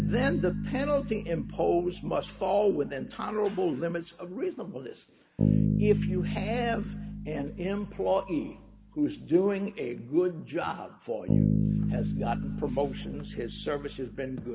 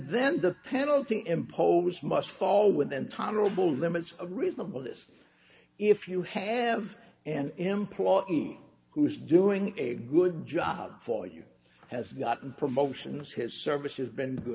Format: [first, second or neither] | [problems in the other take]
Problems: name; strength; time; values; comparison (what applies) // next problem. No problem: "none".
second | background sound (Bass guitar); 2 dB below the speech